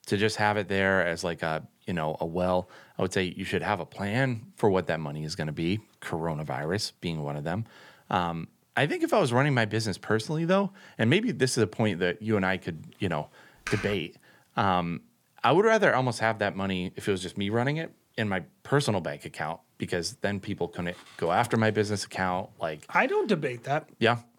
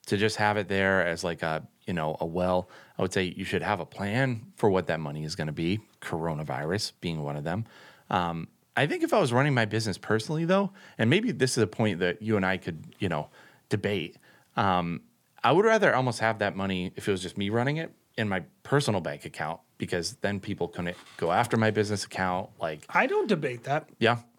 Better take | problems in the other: second | keyboard typing; noticeable; at 14 s; peak 7 dB below the speech

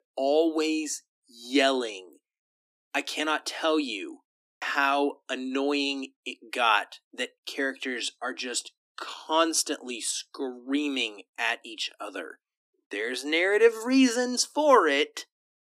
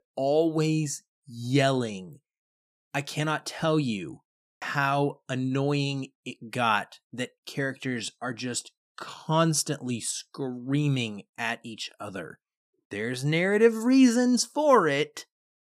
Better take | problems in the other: second | thin; very slightly; fading below 250 Hz

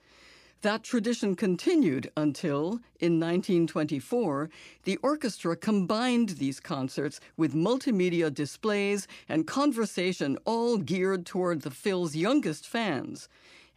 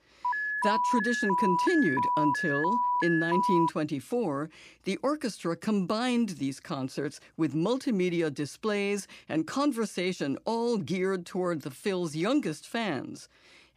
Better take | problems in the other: first | alarm; loud; until 3.5 s; peak 3 dB above the speech

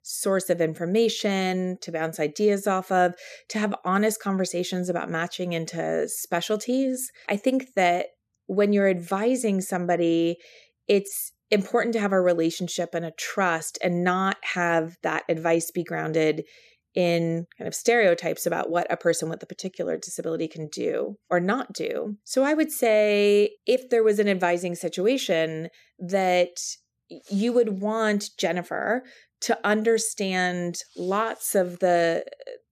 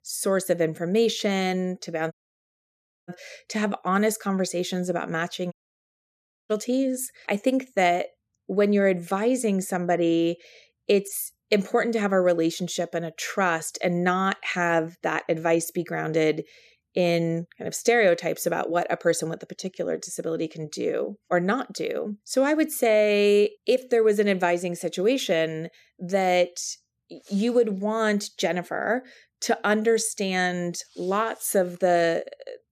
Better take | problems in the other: first | audio cutting out; at 2 s for 1 s and at 5.5 s for 1 s

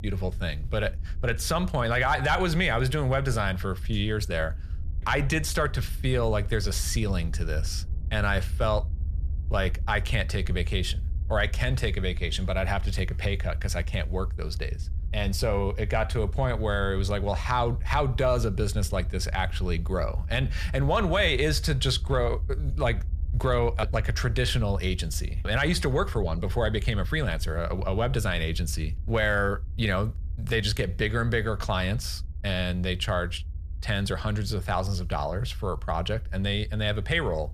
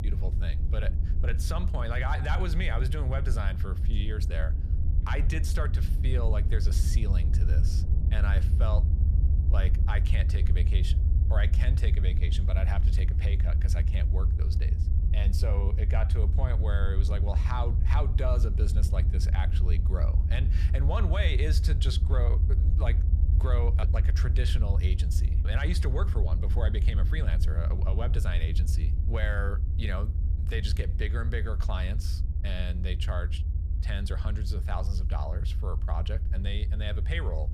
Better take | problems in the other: first | low rumble; loud; throughout; 7 dB below the speech; faint in the first

